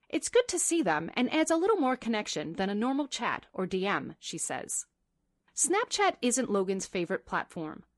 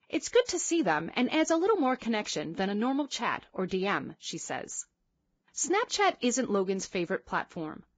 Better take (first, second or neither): first